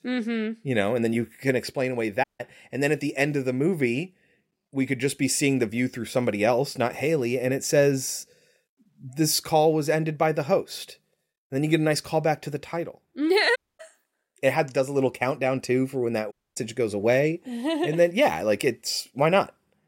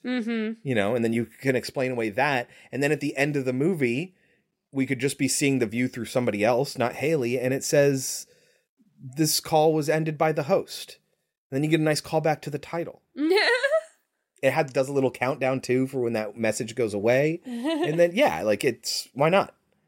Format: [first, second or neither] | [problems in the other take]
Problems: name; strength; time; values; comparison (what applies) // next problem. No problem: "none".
second | audio cutting out; at 2 s, at 14 s and at 16 s